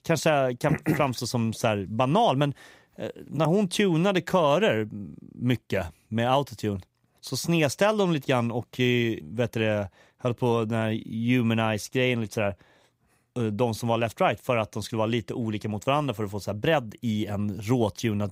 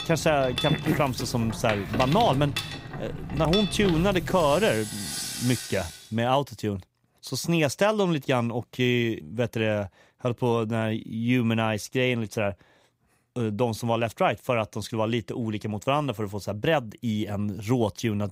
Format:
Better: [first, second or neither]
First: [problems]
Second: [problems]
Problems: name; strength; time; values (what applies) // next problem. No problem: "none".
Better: first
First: none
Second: machinery noise; loud; until 6 s; 6 dB below the speech